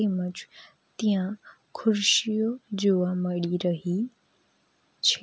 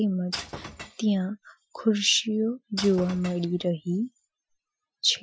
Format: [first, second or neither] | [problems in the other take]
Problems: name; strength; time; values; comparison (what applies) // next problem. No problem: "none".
first | noise reduction (classical method Wiener filter)